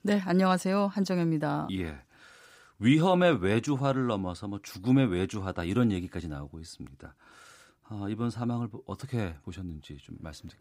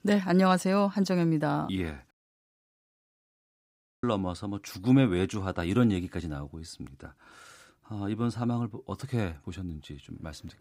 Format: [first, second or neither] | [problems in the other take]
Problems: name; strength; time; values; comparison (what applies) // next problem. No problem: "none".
first | audio cutting out; at 2 s for 2 s